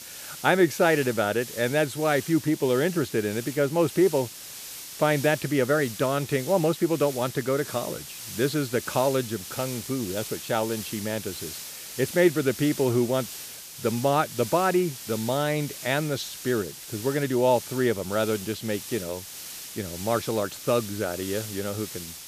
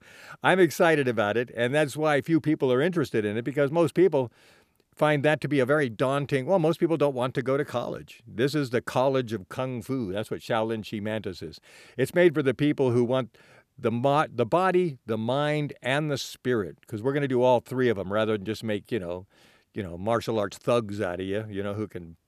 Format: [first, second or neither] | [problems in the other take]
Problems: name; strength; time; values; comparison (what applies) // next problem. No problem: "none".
second | hiss; noticeable; throughout; 10 dB below the speech